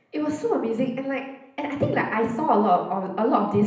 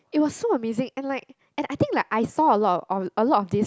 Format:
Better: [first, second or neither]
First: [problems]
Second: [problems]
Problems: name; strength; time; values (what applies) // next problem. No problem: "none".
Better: second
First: room echo; dies away in 0.8 s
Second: none